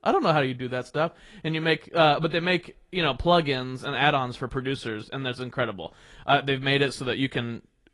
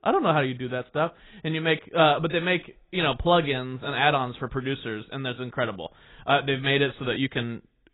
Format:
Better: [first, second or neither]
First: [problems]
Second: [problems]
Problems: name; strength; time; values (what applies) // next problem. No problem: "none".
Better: first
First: garbled, watery; slightly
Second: garbled, watery; badly; nothing above 4 kHz